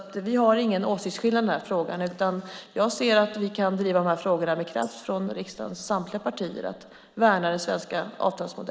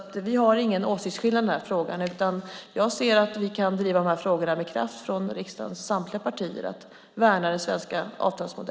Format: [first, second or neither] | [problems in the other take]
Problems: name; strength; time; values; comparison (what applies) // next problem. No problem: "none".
second | noise reduction (neural mask model Resemble Enhance denoiser)